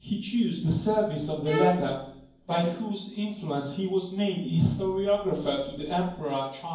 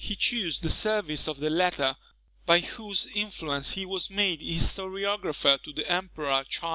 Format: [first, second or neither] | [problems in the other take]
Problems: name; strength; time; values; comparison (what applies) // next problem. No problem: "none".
second | background sound (Bowed string instrument); 3 dB below the speech // room echo; dies away in 0.9 s